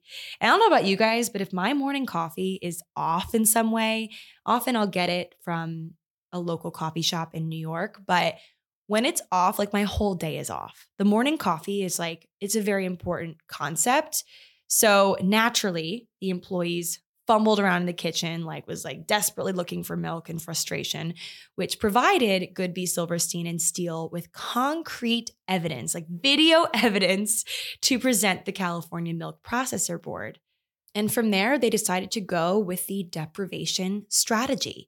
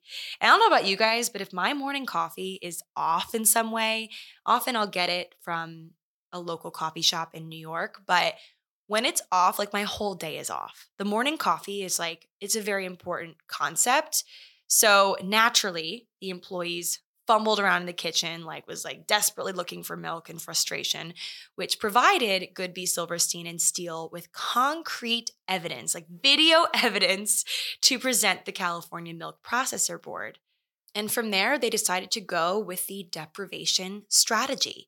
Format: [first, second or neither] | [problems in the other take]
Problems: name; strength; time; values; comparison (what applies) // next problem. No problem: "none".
first | thin; somewhat; fading below 1 kHz